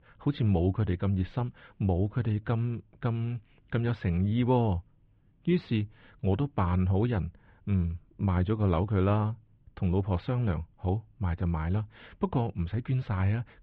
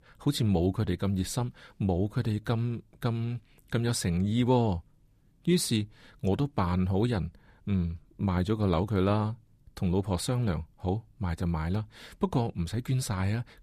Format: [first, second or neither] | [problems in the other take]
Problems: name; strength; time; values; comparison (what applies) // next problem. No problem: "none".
second | muffled; very; fading above 3 kHz